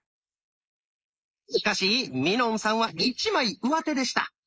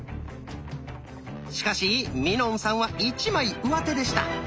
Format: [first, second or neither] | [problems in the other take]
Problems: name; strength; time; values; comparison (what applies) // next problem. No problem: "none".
second | noise reduction (neural mask model Resemble Enhance denoiser)